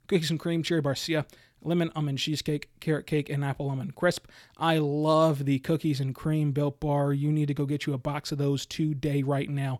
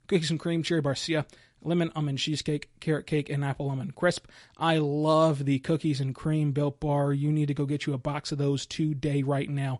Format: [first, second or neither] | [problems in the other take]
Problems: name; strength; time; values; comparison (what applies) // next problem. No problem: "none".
first | garbled, watery; slightly; nothing above 11 kHz